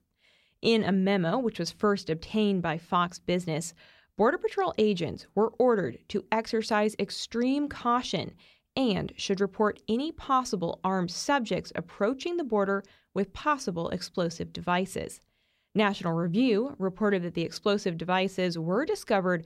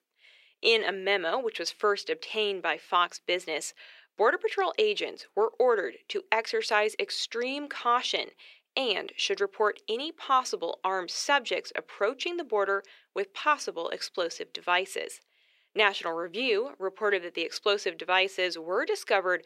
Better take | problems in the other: first | thin; very; fading below 400 Hz

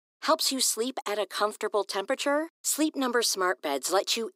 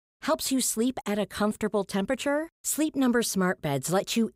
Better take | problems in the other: second | thin; somewhat; fading below 300 Hz

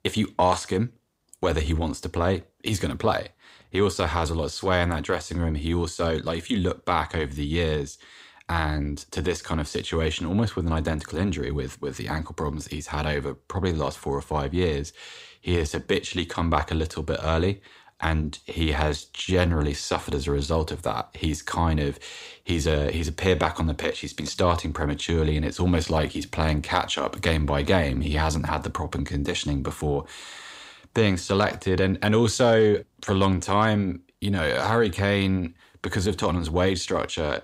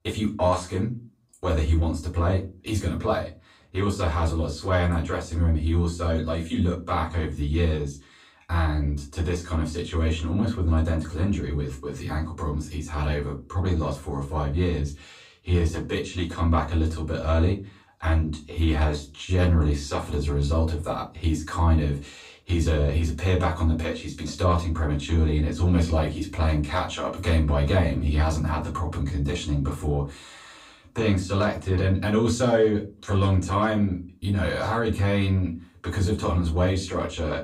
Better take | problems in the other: first | off-mic speech; far // room echo; very slight; dies away in 0.3 s

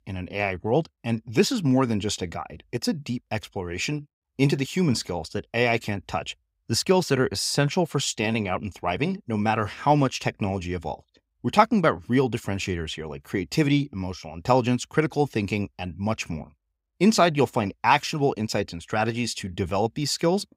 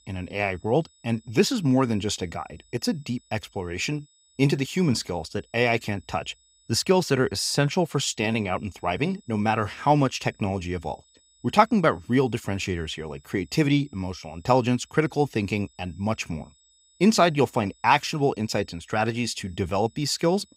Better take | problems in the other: first | high-pitched whine; faint; throughout; 8 kHz, 35 dB below the speech

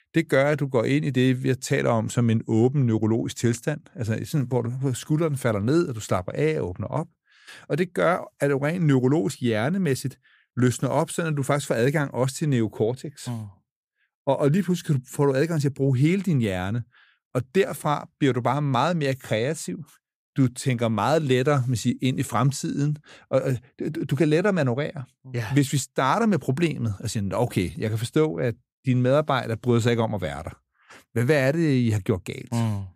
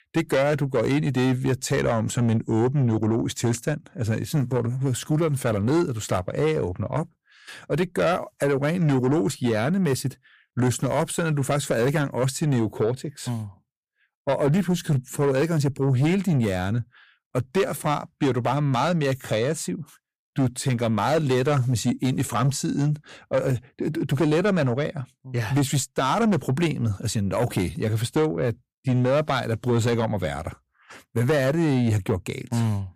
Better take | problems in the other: first | distortion; slight; 10 dB below the speech

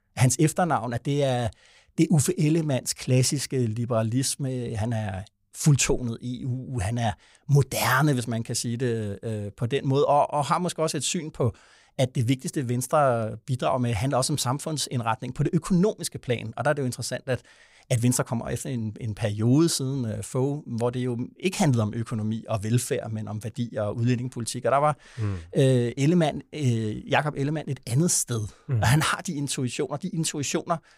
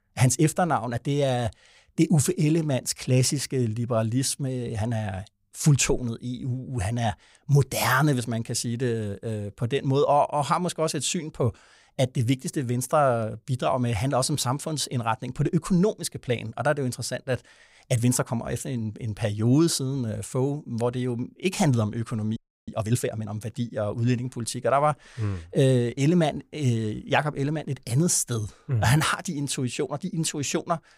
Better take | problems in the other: first | audio freezing; at 22 s

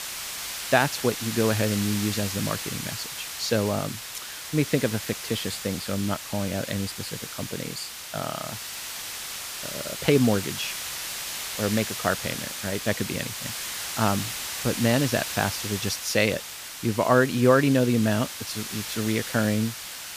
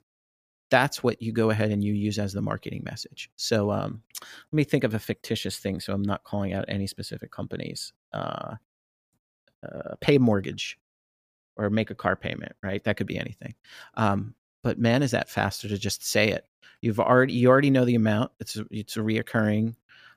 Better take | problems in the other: second | hiss; loud; throughout; 6 dB below the speech

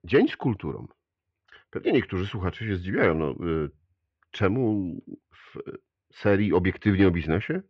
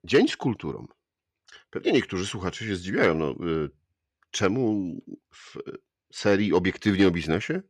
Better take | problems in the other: second | muffled; very; fading above 3 kHz

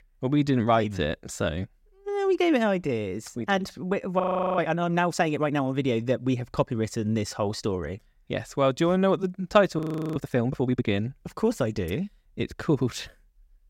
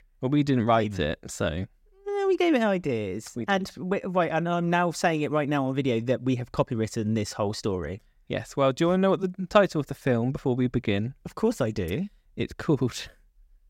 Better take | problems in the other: second | audio freezing; at 4 s and at 10 s

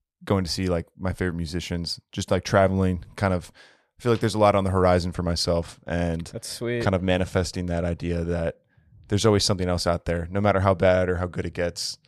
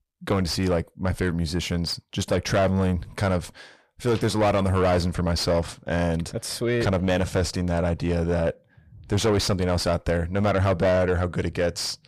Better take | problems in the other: first | distortion; heavy; 7 dB below the speech

